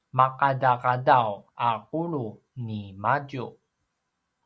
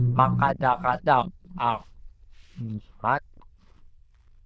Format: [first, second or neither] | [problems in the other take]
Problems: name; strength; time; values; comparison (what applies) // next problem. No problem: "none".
first | noise reduction (neural diffusion model UNIVERSE++)